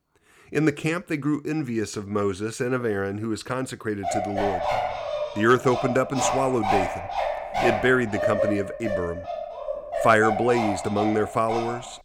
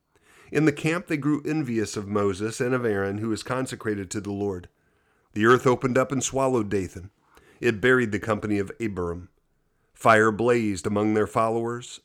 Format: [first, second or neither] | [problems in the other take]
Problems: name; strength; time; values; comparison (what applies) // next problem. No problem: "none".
second | dog barking; loud; from 4 s on; peak 1 dB above the speech